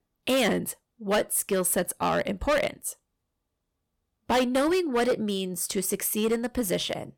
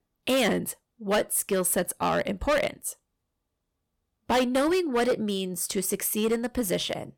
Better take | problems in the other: neither | distortion; heavy; 7% of the sound clipped; the same in both

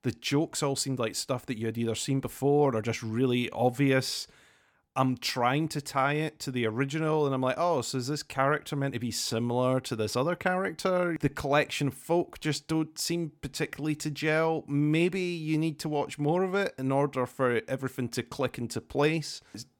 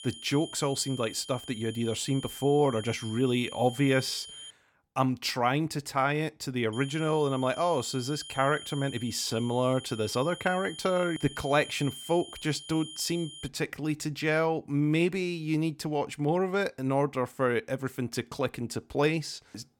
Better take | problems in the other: first | high-pitched whine; noticeable; until 4.5 s and from 6.5 to 13 s; 3 kHz, 15 dB below the speech

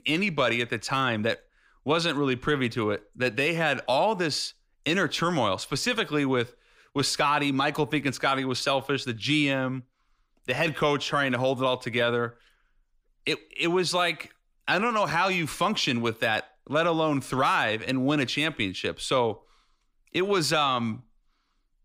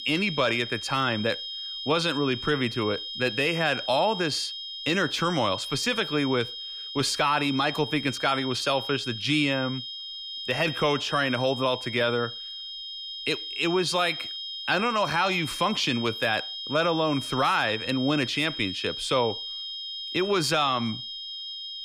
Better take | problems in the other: first | high-pitched whine; loud; throughout; 3 kHz, 7 dB below the speech

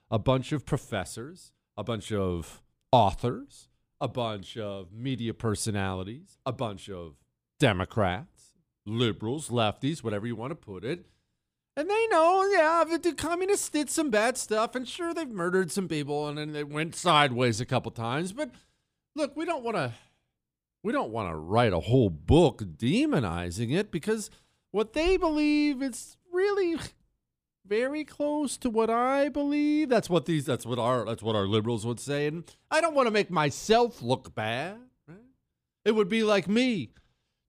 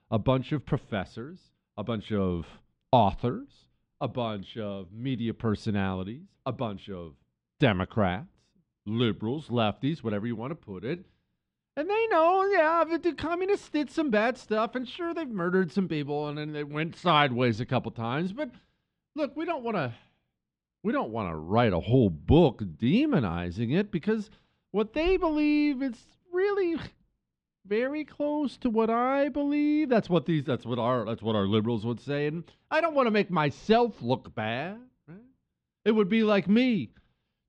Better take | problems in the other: first | muffled; slightly; fading above 4 kHz

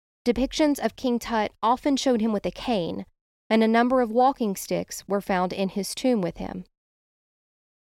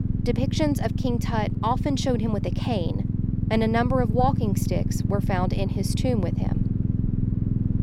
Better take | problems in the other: first | low rumble; loud; throughout; 8 dB below the speech

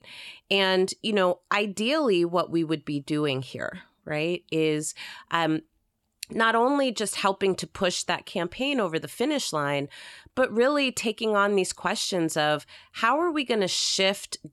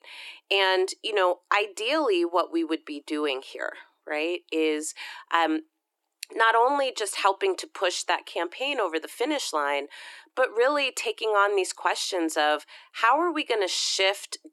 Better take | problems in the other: first | thin; somewhat; fading below 300 Hz

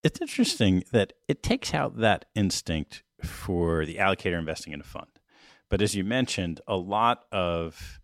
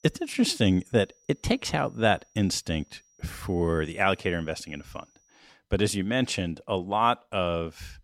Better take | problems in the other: first | high-pitched whine; faint; until 5.5 s; 5.5 kHz, 35 dB below the speech

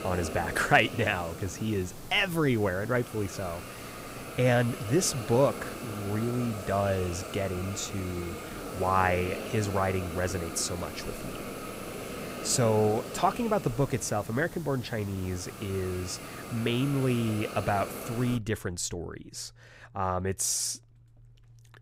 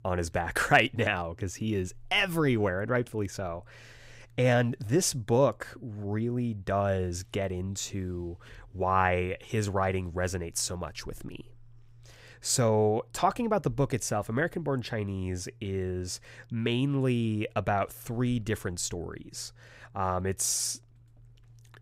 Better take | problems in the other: second | hiss; noticeable; until 18 s; 10 dB below the speech

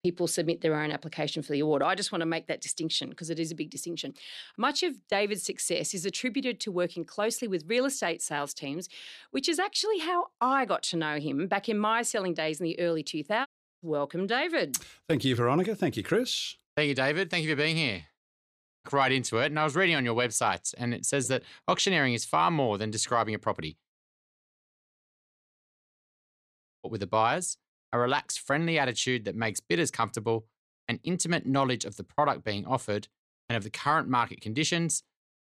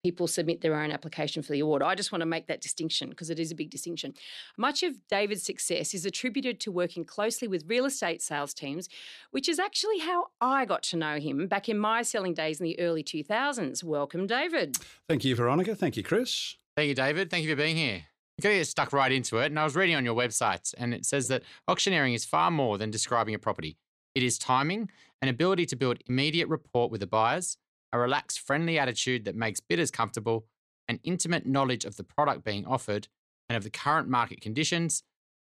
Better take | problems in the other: second | audio cutting out; at 13 s, at 18 s for 0.5 s and at 24 s for 2.5 s

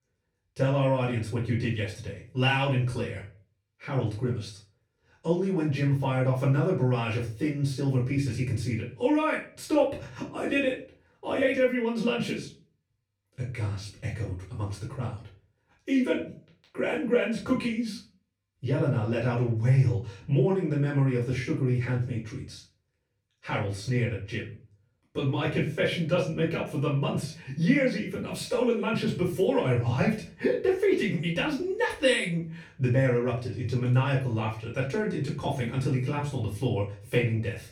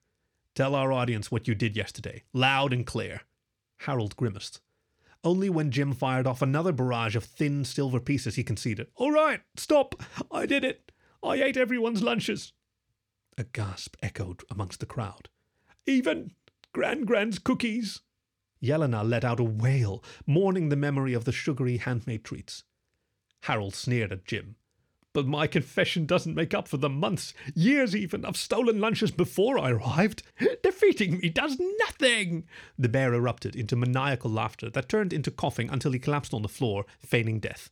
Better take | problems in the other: second | off-mic speech; far // room echo; slight; dies away in 0.3 s

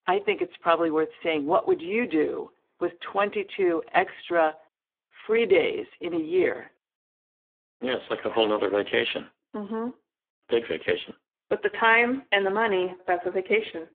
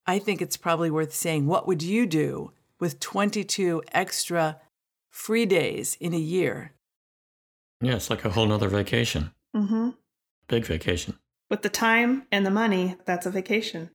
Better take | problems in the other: second | phone-call audio; poor line

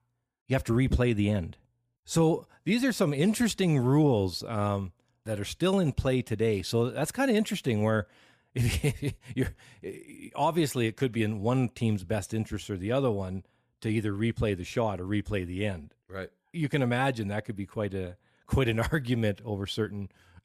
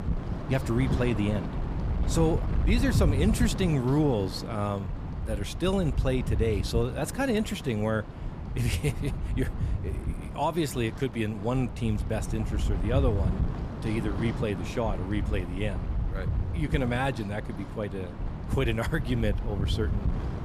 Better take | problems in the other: first | wind noise on the microphone; heavy; 9 dB below the speech

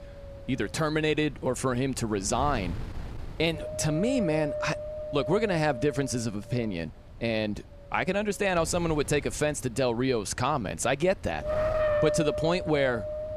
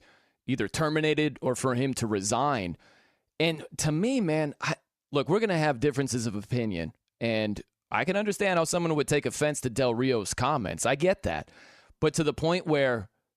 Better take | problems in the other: second | wind noise on the microphone; heavy; 3 dB below the speech

